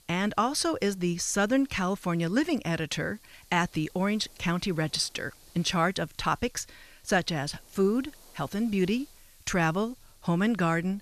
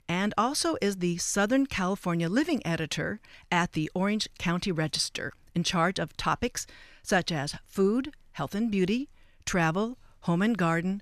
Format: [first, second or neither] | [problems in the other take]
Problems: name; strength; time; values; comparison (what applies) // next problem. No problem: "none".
second | hiss; faint; throughout; 25 dB below the speech